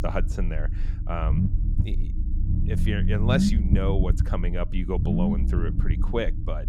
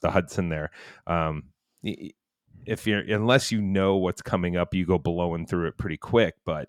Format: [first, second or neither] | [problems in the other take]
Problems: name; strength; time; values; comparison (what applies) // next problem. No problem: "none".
second | low rumble; loud; throughout; 5 dB below the speech